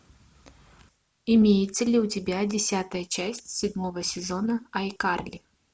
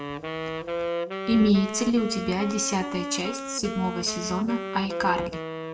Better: first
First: none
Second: background sound (Wind instrument, woodwind instrument); 5 dB below the speech // room echo; dies away in 0.4 s

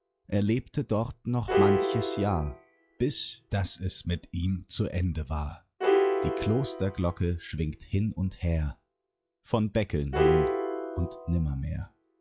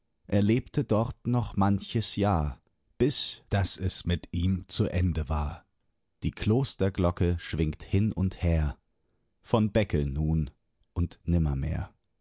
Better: second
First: noise reduction (classical method log-MMSE)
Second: none

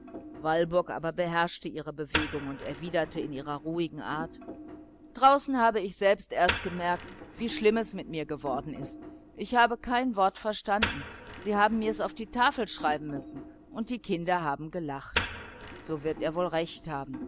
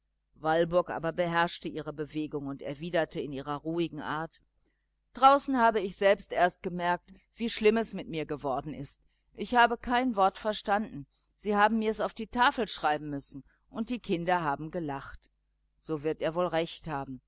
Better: second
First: background sound (Wood); 11 dB below the speech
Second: none

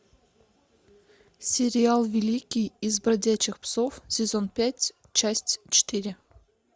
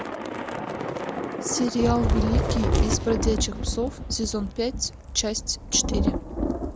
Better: first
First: none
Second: background sound (Thunder / Rain); 1 dB above the speech

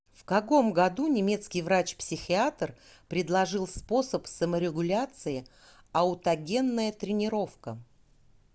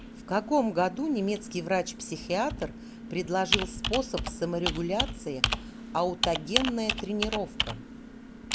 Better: first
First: none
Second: background sound (Computer keyboard); 4 dB below the speech

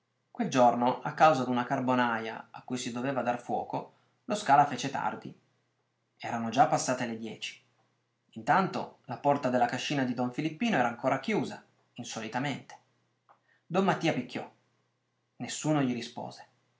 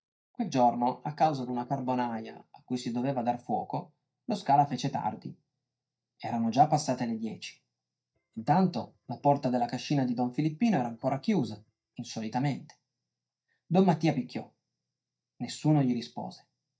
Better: first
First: none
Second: noise reduction (neural mask model DeepFilterNet 3)

